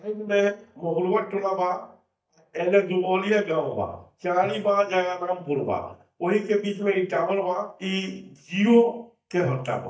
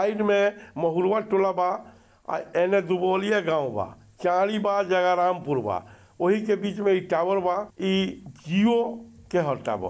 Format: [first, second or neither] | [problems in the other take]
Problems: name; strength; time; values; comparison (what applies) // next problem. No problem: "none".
second | noise reduction (neural mask model DeepFilterNet 3)